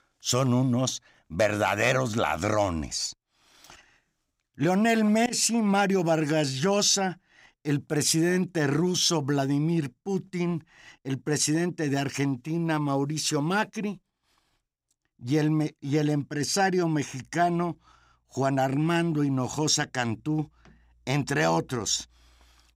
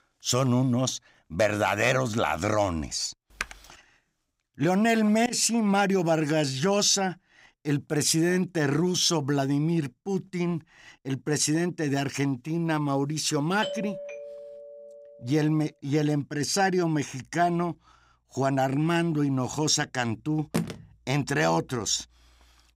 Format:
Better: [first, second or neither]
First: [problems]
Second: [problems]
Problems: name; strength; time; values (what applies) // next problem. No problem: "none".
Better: first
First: none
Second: keyboard typing; faint; at 3.5 s; peak 10 dB below the speech // doorbell; noticeable; from 14 to 15 s; peak 8 dB below the speech // phone ringing; noticeable; at 21 s; peak 6 dB below the speech